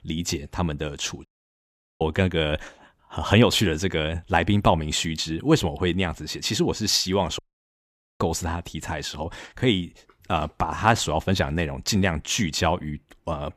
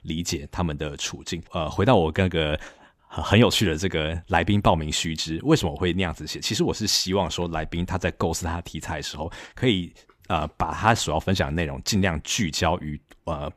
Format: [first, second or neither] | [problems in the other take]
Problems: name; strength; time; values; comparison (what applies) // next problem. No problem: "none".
second | audio cutting out; at 1.5 s for 1 s and at 7.5 s for 1 s